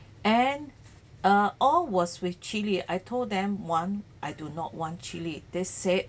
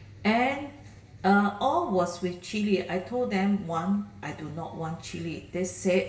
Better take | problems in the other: first | room echo; dies away in 0.9 s

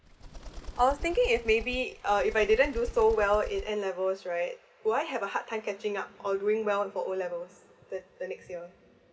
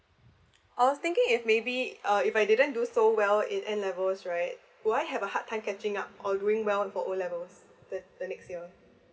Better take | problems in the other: second | background sound (Bird); 10 dB below the speech

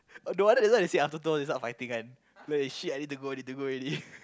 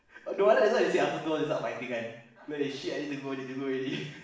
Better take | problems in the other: first | room echo; dies away in 0.7 s

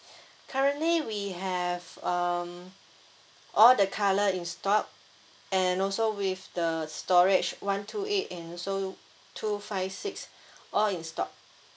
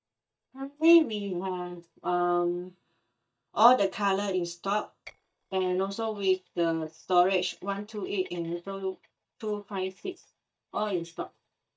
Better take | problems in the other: first | noise reduction (neural mask model DeepFilterNet 3)

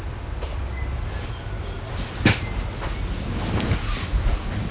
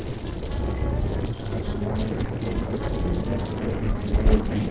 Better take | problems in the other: first | noise reduction (neural separator model SepFormer DNS4)

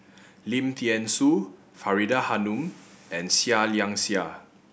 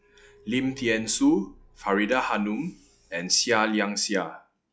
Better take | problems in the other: first | noise reduction (classical method log-MMSE)

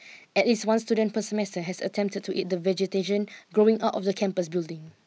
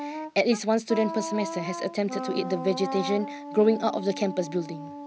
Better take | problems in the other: first | background sound (Wind instrument, woodwind instrument); 9 dB below the speech

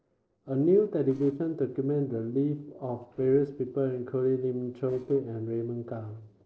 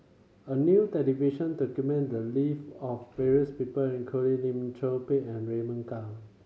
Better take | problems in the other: second | noise reduction (neural separator model SepFormer DNS4)

